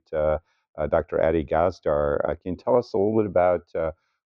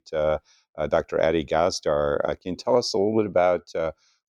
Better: second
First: muffled; very; fading above 2 kHz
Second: none

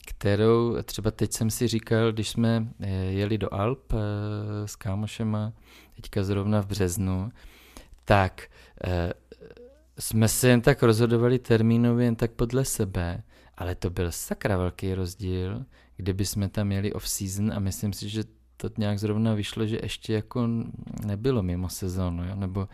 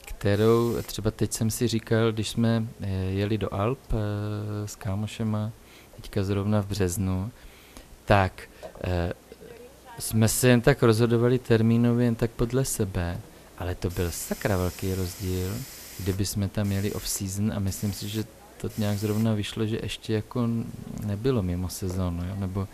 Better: first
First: none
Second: hiss; noticeable; throughout; 20 dB below the speech

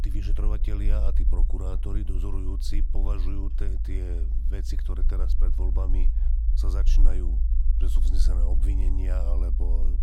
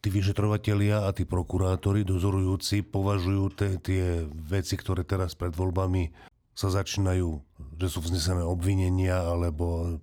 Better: second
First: low rumble; loud; throughout; 7 dB below the speech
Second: none

